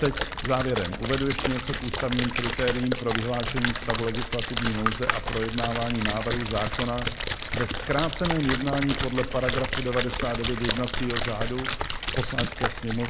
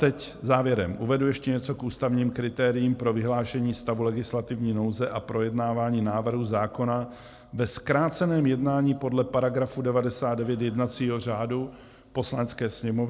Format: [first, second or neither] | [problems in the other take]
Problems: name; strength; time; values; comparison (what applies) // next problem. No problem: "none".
second | background sound (Splash, splatter); 1 dB below the speech